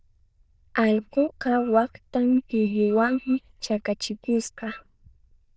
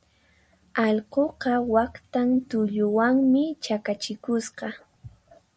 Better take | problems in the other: second | noise reduction (neural diffusion model UNIVERSE++)

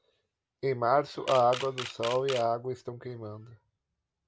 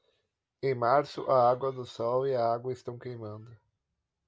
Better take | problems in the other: second | background sound (Camera); 11 dB below the speech

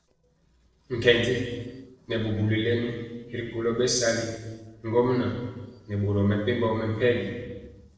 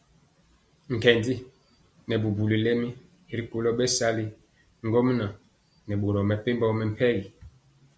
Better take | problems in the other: second | noise reduction (neural separator model SepFormer DNS4)

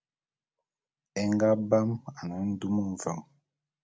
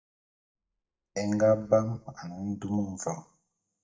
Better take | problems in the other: first | noise reduction (neural mask model DeepFilterNet 3)

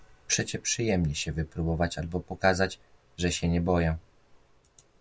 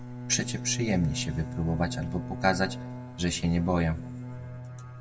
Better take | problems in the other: first | background sound (Bowed string instrument); 8 dB below the speech // room echo; dies away in 1.5 s

